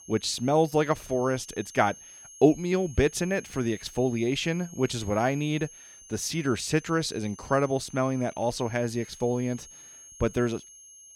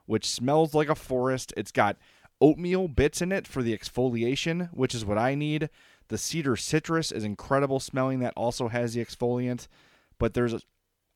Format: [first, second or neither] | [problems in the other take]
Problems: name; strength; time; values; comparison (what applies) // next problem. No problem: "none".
second | high-pitched whine; noticeable; throughout; 6.5 kHz, 20 dB below the speech